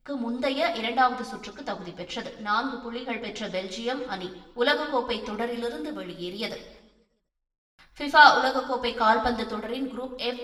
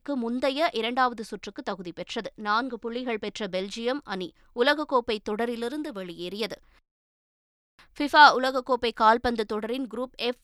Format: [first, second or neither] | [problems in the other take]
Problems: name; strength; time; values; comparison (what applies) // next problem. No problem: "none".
second | room echo; slight; dies away in 0.9 s // off-mic speech; somewhat distant